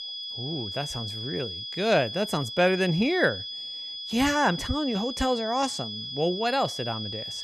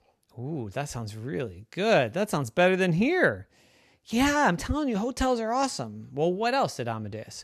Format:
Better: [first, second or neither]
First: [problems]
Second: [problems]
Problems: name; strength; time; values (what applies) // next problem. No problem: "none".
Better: second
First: high-pitched whine; loud; throughout; 3.5 kHz, 6 dB below the speech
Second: none